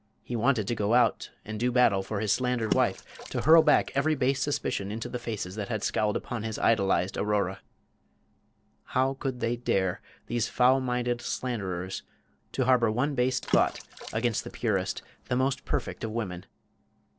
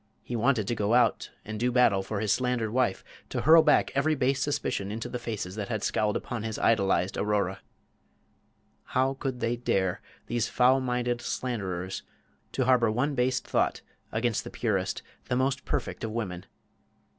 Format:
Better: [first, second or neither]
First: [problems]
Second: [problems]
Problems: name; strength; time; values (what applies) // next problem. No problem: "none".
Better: second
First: noise reduction (neural separator model SepFormer DNS4)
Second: none